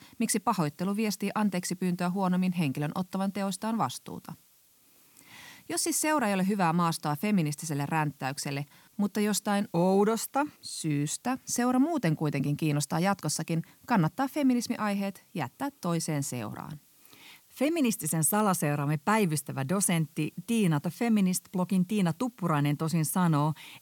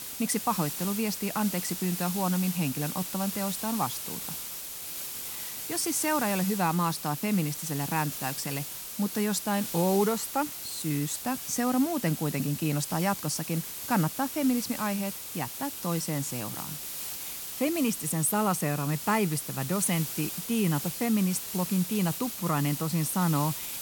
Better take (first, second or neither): first